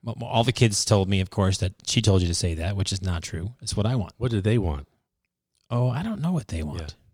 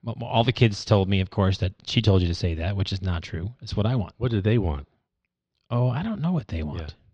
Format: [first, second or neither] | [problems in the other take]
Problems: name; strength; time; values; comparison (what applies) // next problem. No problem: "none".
first | muffled; slightly; fading above 4 kHz